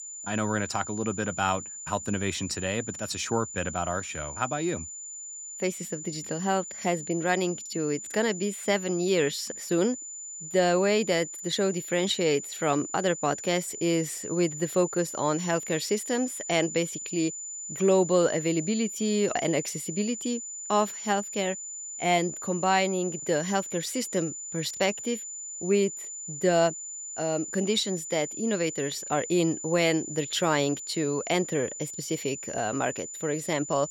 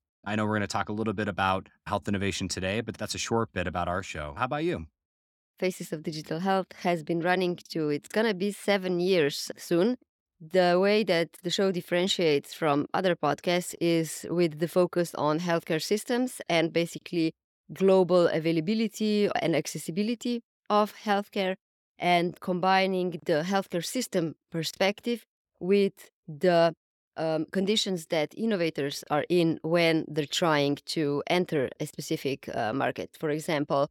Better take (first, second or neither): second